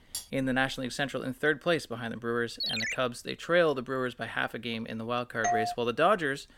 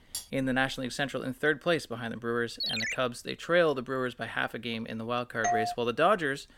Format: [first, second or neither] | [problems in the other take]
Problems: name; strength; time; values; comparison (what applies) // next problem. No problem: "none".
neither | clattering dishes; noticeable; at the start; peak 9 dB below the speech; the same in both // phone ringing; loud; at 2.5 s; peak level with the speech; the same in both // doorbell; loud; at 5.5 s; peak level with the speech; the same in both